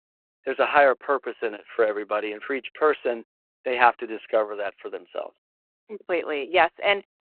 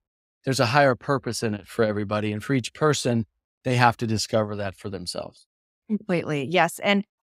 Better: second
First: phone-call audio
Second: none

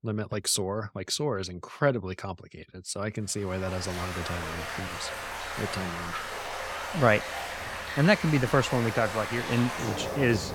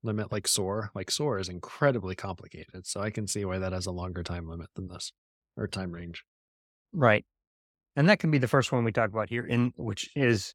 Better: second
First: rain or running water; loud; from 3.5 s on; 6 dB below the speech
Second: none

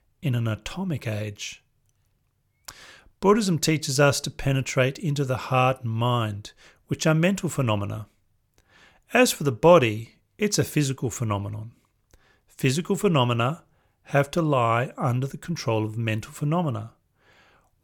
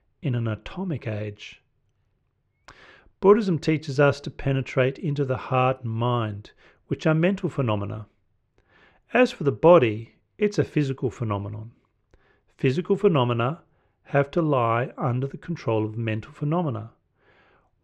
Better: first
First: none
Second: muffled; slightly; fading above 2.5 kHz

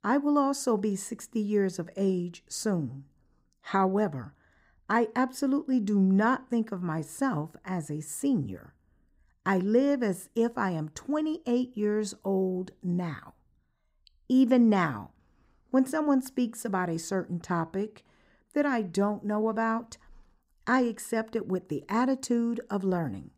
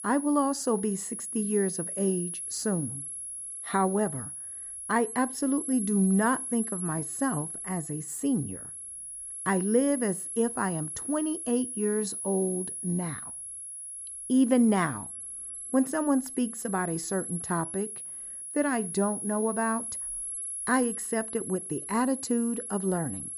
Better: first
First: none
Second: high-pitched whine; loud; throughout; 11 kHz, 6 dB below the speech

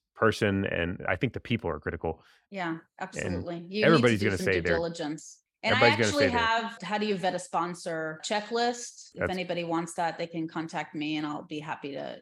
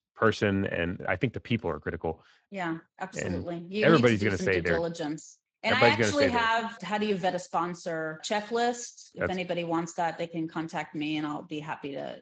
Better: first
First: none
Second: garbled, watery; slightly; nothing above 7.5 kHz

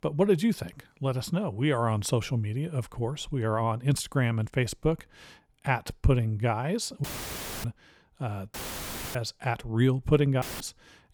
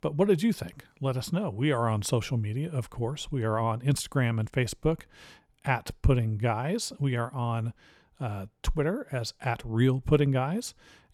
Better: second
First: audio cutting out; filled with static; at 7 s for 0.5 s, at 8.5 s for 0.5 s and at 10 s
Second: none

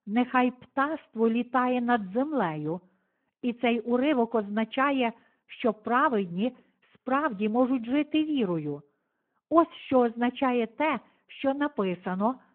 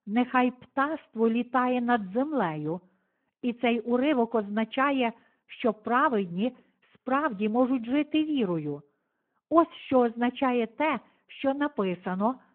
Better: neither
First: phone-call audio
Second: phone-call audio

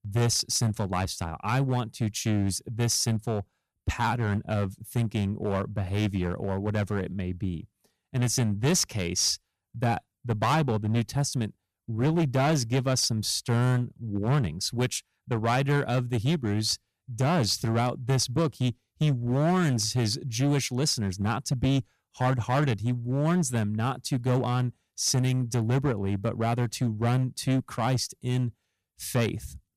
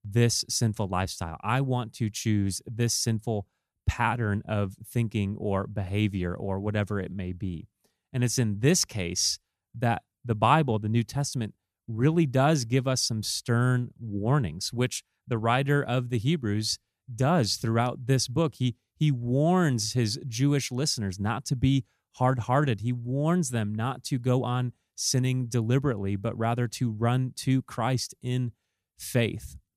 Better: second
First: distortion; slight; 8% of the sound clipped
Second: none

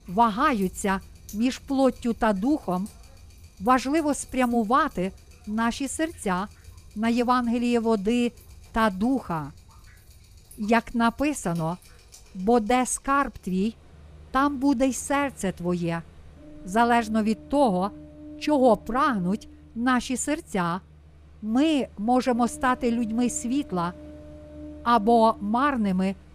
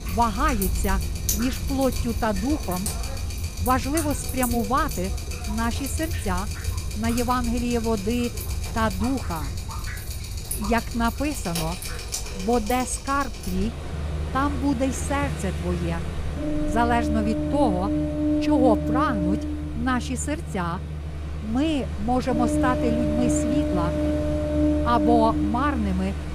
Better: first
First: rain or running water; faint; throughout; 20 dB below the speech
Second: rain or running water; loud; throughout; 2 dB below the speech

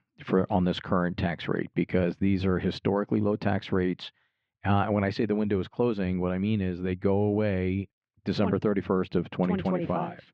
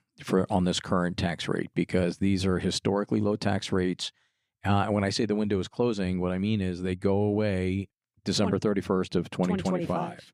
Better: second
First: muffled; slightly; fading above 3 kHz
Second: none

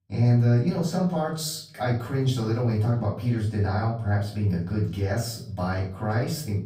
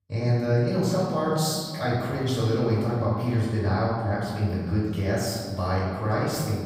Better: first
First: room echo; slight; dies away in 0.4 s // off-mic speech; far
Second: room echo; strong; dies away in 1.7 s // off-mic speech; far

